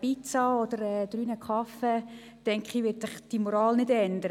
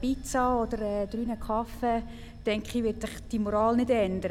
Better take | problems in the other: first | background sound (Bell / Train); 13 dB below the speech

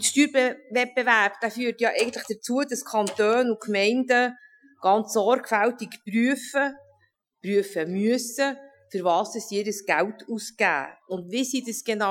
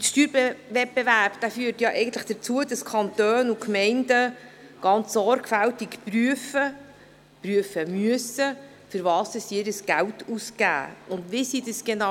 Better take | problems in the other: second | noise reduction (classical method Wiener filter)

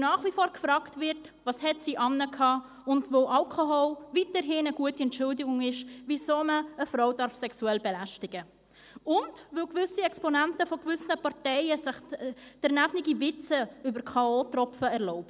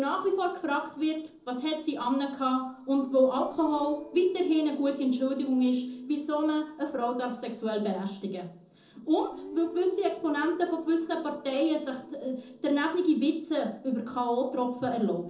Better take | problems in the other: first | noise reduction (neural separator model SepFormer DNS4)

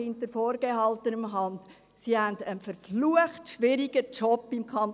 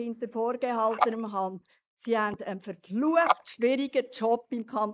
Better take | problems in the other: first | noise reduction (neural mask model Resemble Enhance denoiser)

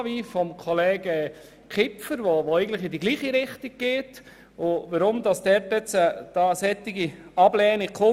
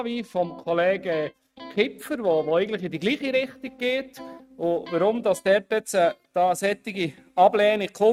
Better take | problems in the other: first | noise reduction (neural mask model RNNoise)

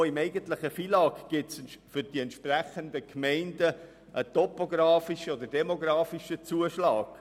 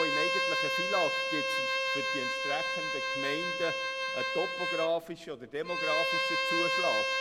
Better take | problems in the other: first | background sound (Bowed string instrument); 5 dB above the speech

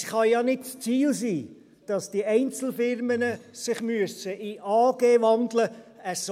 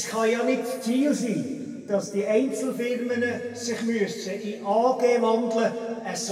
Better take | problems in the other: first | room echo; dies away in 2.1 s

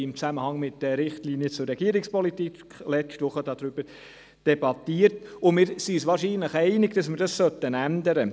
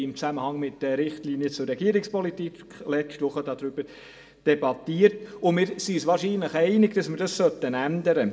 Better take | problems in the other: first | room echo; dies away in 1.8 s

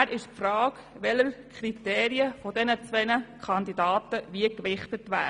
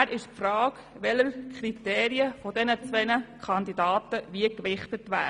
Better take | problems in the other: first | background sound (Bowed string instrument); 18 dB below the speech

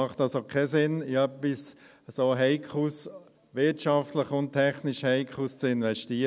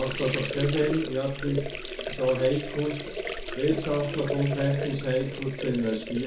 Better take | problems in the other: first | background sound (Sink (filling or washing) / Water); 6 dB below the speech // room echo; dies away in 0.6 s

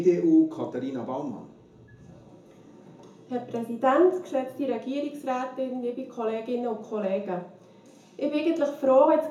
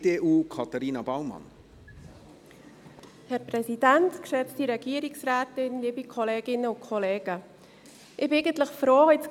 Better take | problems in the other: second | room echo; dies away in 0.5 s

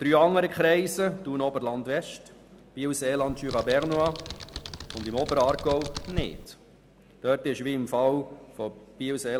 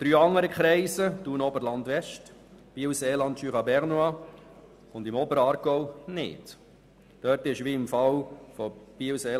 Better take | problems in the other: second | background sound (Computer keyboard); 11 dB below the speech

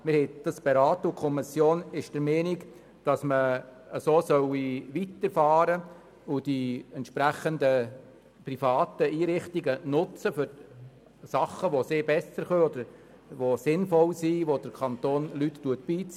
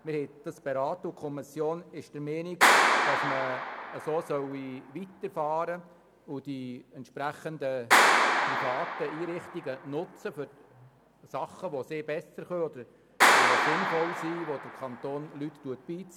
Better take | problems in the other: first | background sound (Clapping); 5 dB above the speech

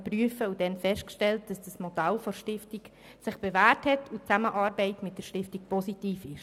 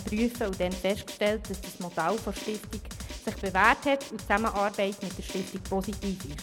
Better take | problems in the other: first | background sound (Drum); 11 dB below the speech

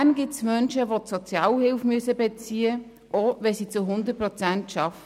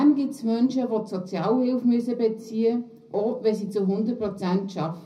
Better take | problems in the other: first | room echo; dies away in 0.4 s

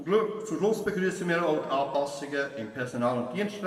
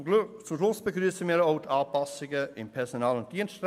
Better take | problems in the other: second | room echo; dies away in 1.4 s

